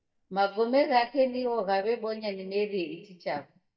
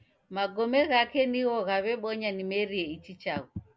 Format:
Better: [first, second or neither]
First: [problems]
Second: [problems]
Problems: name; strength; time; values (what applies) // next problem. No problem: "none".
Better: second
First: noise reduction (neural mask model DeepFilterNet 3)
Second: none